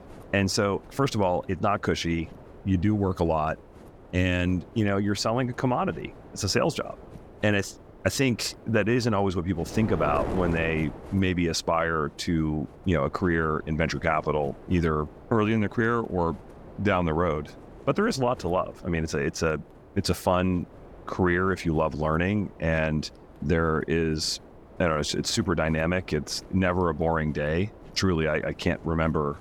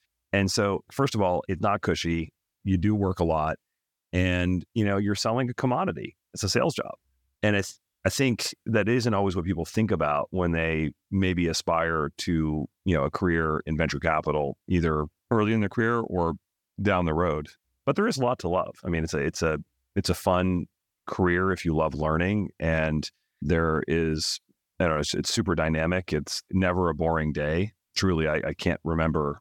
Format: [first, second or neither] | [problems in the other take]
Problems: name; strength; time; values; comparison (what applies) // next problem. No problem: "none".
second | wind noise on the microphone; occasional gusts; 20 dB below the speech